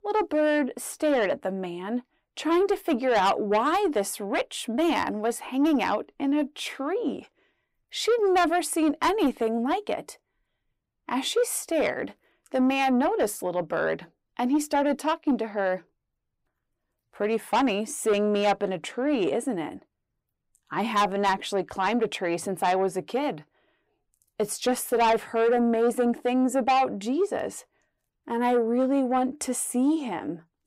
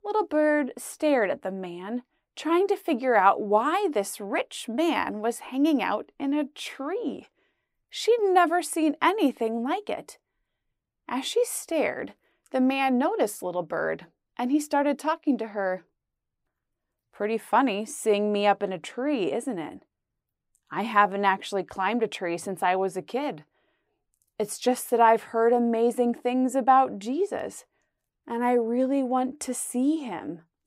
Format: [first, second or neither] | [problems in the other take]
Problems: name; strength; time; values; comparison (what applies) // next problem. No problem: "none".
second | distortion; slight; 10 dB below the speech